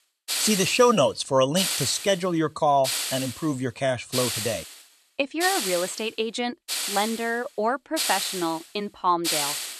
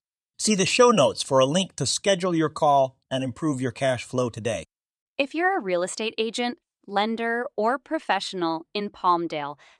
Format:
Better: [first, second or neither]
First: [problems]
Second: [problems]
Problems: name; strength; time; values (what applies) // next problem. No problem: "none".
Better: second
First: hiss; loud; throughout; 3 dB below the speech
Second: none